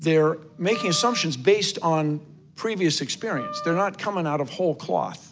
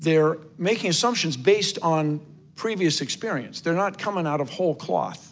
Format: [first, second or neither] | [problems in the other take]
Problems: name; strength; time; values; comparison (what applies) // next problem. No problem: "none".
second | background sound (Wind instrument, woodwind instrument); 14 dB below the speech